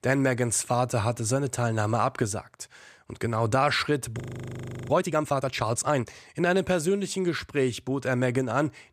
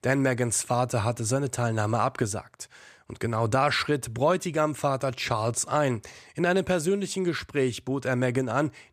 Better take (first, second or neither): second